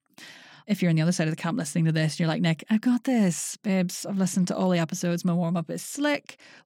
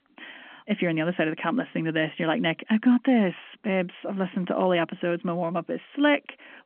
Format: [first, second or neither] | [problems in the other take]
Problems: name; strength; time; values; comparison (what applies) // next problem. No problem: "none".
first | phone-call audio; nothing above 3.5 kHz